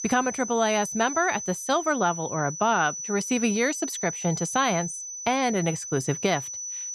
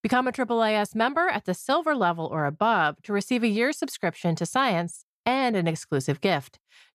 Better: second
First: high-pitched whine; loud; throughout; 6 kHz, 7 dB below the speech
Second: none

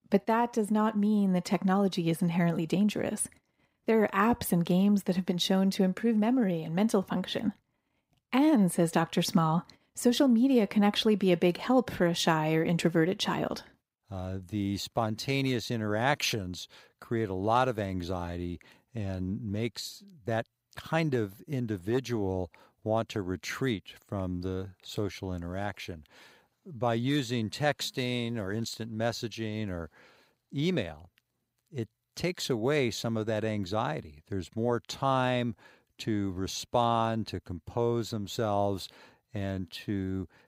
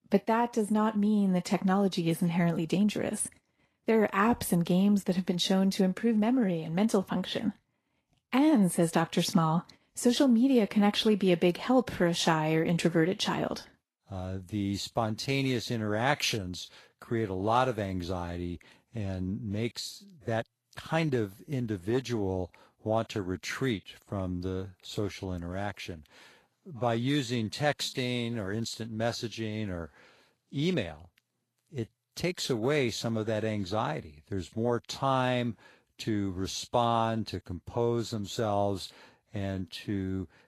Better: first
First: none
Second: garbled, watery; slightly; nothing above 12.5 kHz

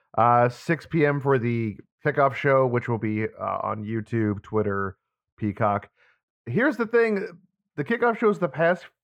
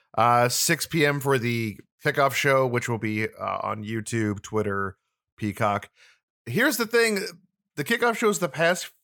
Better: second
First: muffled; very; fading above 3.5 kHz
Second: none

